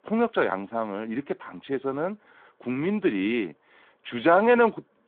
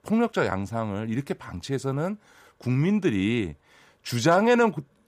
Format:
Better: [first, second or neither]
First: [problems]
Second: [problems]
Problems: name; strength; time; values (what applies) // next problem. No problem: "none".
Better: second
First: phone-call audio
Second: none